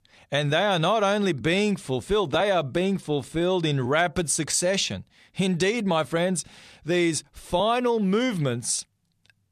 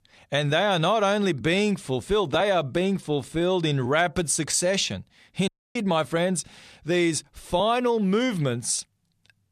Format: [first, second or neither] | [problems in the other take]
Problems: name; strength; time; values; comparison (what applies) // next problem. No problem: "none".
first | audio cutting out; at 5.5 s